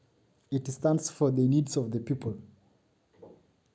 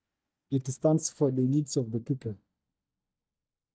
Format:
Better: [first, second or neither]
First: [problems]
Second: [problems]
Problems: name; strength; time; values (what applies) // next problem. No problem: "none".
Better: first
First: none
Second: noise reduction (neural mask model DeepFilterNet 3)